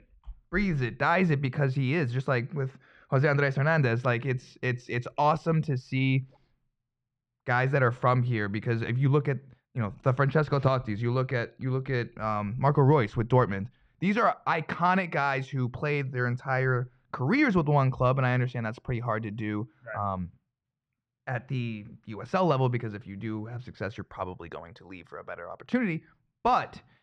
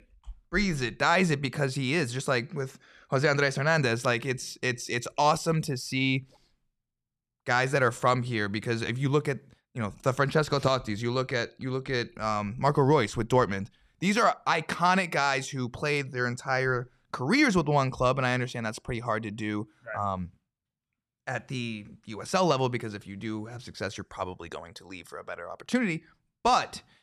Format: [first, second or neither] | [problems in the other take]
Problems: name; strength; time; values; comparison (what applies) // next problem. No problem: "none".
second | muffled; slightly; fading above 2.5 kHz